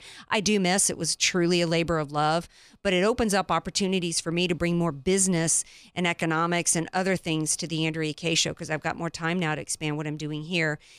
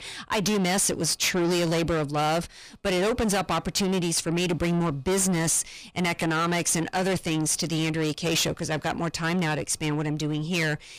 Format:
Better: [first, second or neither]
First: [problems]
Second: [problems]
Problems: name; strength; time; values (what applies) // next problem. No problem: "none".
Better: first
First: none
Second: distortion; heavy; 6 dB below the speech